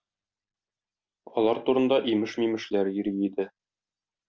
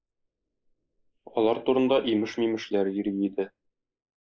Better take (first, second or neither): first